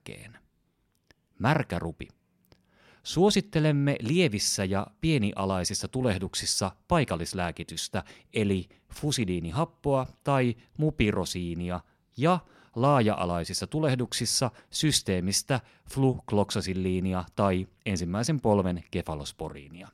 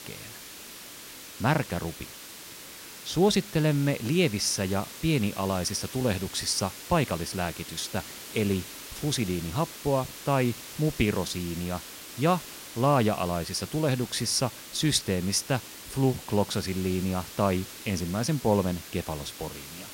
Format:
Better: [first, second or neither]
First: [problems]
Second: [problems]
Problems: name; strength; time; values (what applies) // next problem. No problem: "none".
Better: first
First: none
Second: hiss; noticeable; throughout; 10 dB below the speech